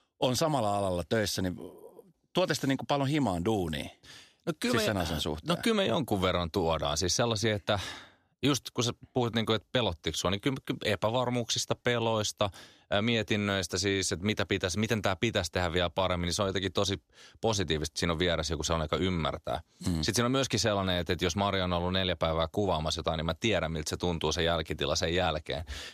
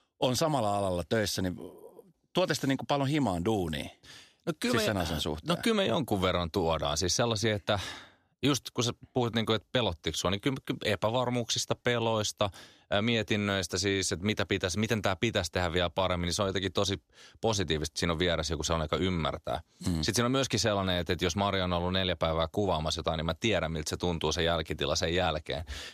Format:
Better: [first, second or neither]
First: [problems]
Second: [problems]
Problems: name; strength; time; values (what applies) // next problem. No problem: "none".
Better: neither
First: none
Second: none